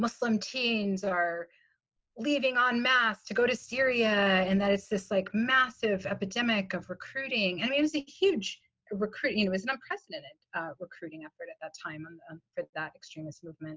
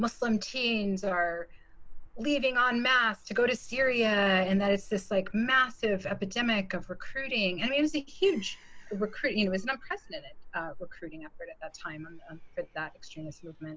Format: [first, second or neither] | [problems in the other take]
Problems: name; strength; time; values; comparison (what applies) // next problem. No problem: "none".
first | background sound (Gull, seagull / Fowl); 14 dB below the speech